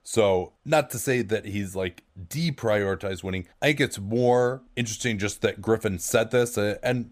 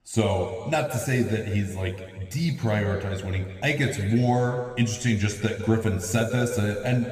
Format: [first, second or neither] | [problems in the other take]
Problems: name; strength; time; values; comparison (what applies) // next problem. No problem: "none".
first | room echo; slight; dies away in 1.7 s